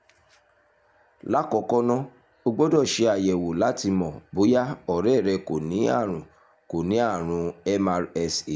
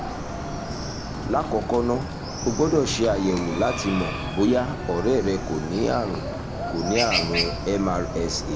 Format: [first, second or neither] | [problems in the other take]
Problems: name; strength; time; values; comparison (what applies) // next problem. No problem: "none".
first | background sound (Chicken, rooster); 4 dB below the speech